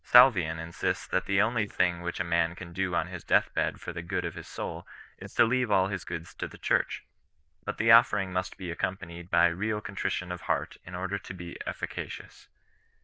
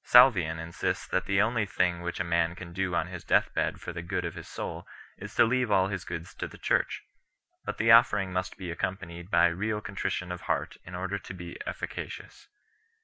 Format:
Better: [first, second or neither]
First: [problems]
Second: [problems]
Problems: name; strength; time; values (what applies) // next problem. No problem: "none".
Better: second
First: noise reduction (neural diffusion model UNIVERSE++)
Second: none